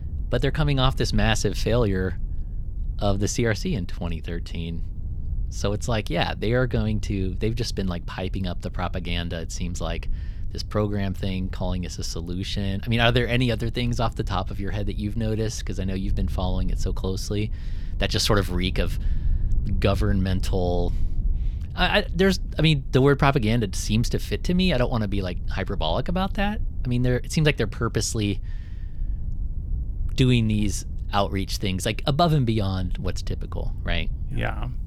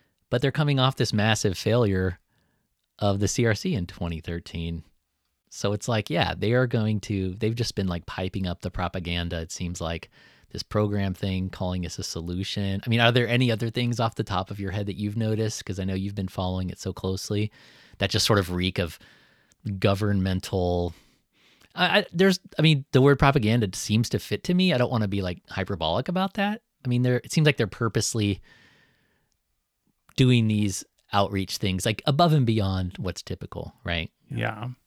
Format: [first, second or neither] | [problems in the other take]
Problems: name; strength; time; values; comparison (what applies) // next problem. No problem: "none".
second | low rumble; faint; throughout; 25 dB below the speech